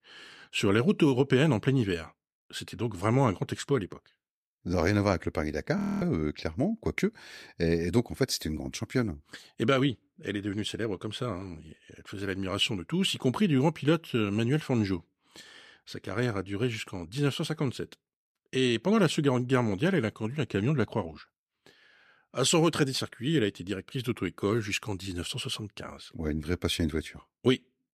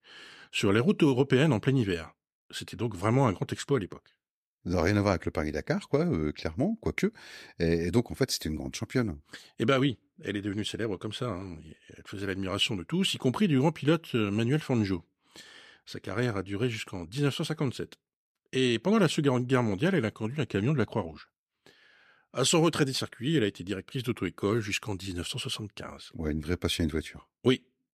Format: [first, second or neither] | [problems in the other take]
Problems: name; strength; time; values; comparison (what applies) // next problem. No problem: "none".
second | audio freezing; at 6 s